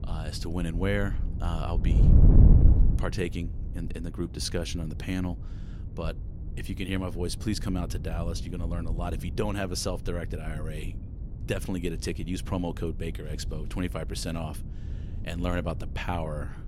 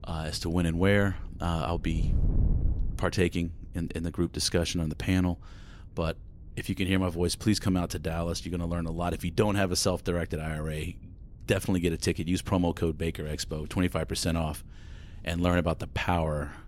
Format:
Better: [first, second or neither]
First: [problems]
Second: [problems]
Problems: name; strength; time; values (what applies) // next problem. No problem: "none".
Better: second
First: wind noise on the microphone; heavy; 8 dB below the speech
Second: wind noise on the microphone; occasional gusts; 25 dB below the speech